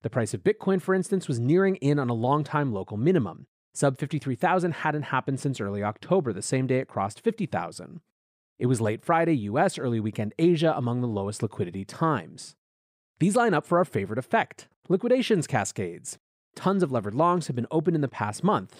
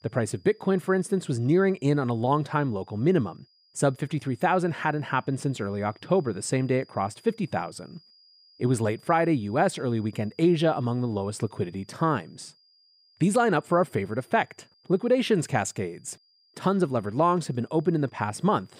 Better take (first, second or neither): first